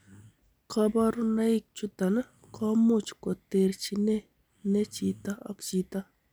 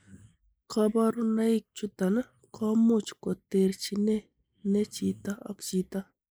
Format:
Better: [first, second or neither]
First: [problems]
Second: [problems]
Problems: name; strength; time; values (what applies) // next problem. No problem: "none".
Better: first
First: none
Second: noise reduction (neural mask model Resemble Enhance denoiser)